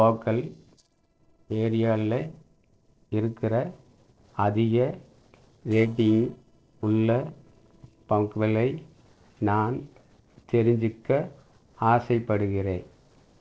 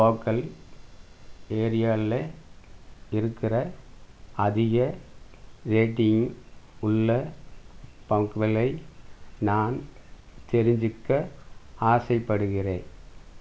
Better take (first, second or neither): second